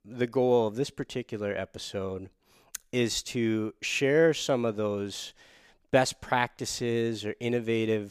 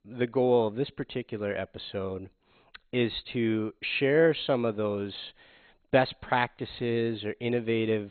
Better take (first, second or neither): first